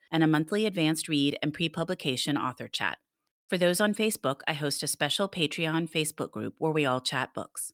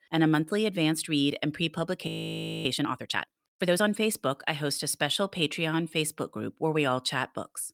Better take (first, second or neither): first